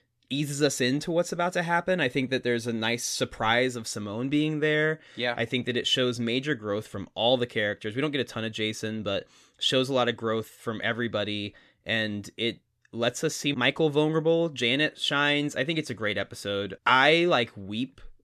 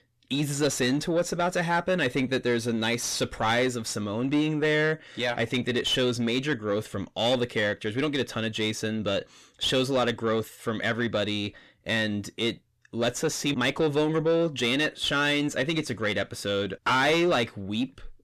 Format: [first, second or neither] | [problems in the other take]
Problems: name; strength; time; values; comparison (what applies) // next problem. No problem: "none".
first | distortion; slight; 10 dB below the speech